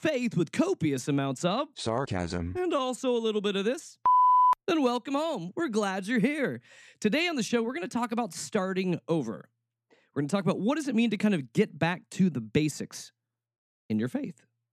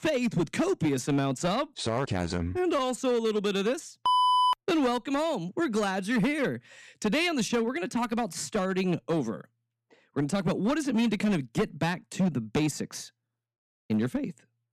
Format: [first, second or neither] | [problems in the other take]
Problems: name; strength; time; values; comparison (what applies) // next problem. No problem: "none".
first | distortion; slight; 10% of the sound clipped